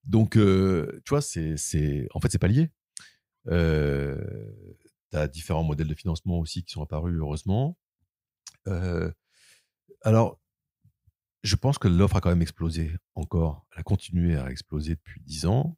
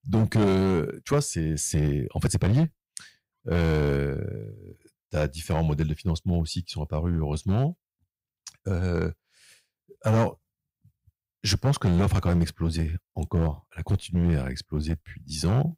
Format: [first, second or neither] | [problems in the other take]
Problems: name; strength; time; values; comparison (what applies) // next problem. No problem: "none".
first | distortion; slight; 5% of the sound clipped